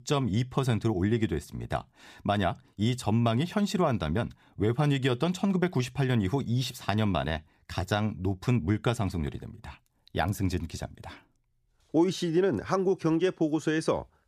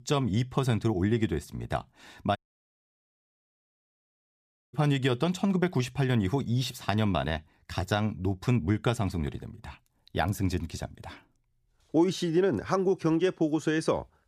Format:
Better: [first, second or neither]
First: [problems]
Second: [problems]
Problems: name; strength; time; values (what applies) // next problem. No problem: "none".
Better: first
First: none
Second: audio cutting out; at 2.5 s for 2.5 s